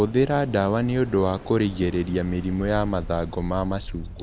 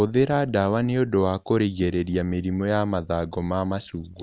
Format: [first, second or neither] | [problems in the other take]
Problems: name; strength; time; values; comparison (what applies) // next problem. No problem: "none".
second | background sound (Waves, surf); 13 dB below the speech